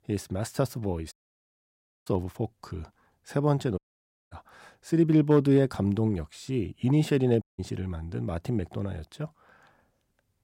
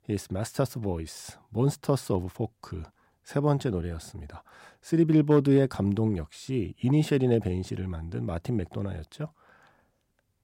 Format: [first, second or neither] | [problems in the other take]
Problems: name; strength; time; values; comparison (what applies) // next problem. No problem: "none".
second | audio cutting out; at 1 s for 1 s, at 4 s for 0.5 s and at 7.5 s